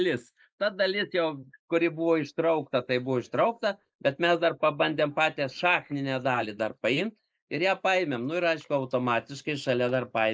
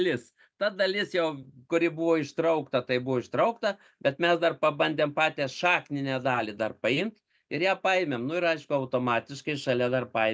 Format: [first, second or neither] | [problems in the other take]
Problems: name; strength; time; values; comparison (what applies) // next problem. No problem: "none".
second | noise reduction (neural mask model Resemble Enhance denoiser)